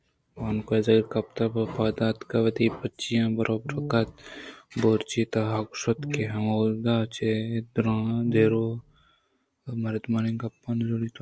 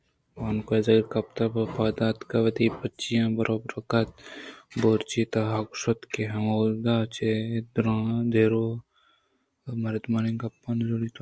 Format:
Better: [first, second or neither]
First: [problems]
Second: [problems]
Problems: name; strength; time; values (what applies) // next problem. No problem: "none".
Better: second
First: background sound (Brass instrument); 11 dB below the speech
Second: none